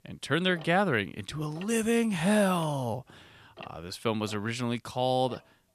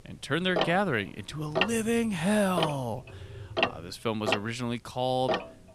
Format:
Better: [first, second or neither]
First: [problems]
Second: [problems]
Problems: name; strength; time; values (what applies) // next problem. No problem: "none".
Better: first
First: household noises; faint; throughout; 25 dB below the speech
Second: household noises; loud; throughout; 2 dB below the speech